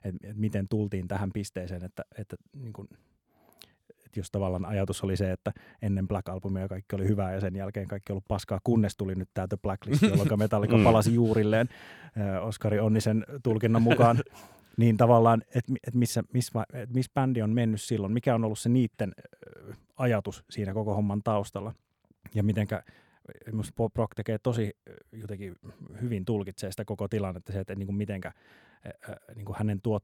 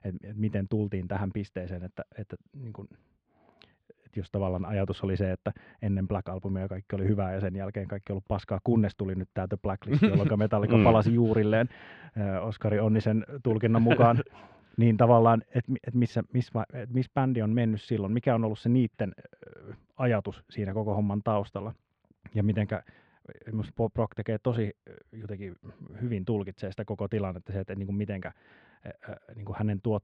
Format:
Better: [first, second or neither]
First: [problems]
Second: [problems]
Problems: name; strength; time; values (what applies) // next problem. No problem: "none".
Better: first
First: none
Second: muffled; slightly; fading above 3.5 kHz